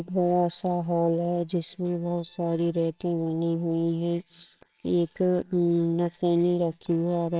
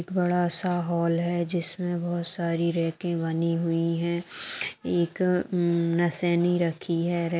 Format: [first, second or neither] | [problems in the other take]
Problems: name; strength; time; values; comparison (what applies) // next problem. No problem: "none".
second | noise reduction (neural separator model SepFormer WHAMR!)